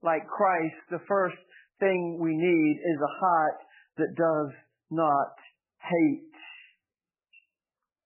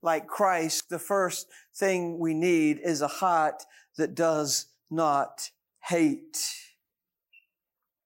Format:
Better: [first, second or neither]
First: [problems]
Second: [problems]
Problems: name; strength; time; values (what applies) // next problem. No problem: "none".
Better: second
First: garbled, watery; badly; nothing above 3 kHz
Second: none